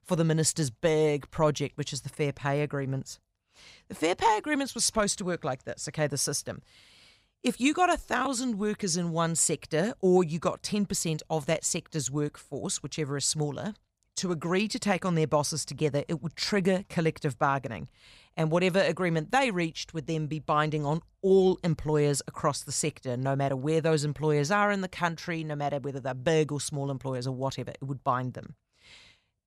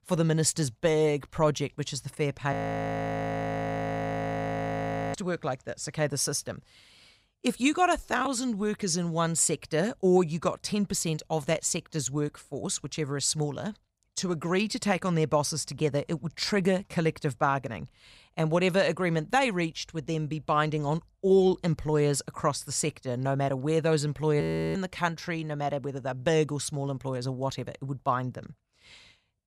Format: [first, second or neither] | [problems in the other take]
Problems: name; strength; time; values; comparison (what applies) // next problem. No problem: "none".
first | audio freezing; at 2.5 s for 2.5 s and at 24 s